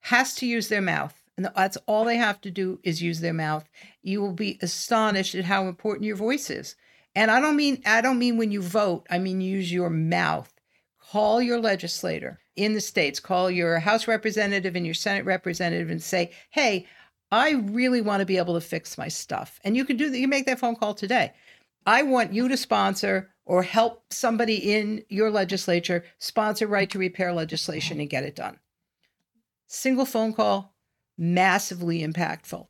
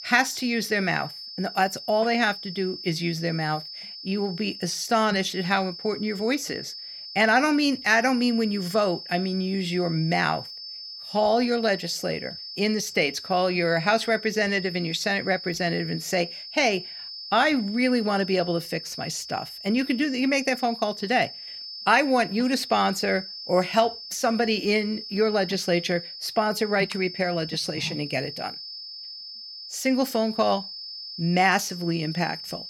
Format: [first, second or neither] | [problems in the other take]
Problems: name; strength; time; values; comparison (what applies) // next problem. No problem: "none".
first | high-pitched whine; noticeable; throughout; 5 kHz, 10 dB below the speech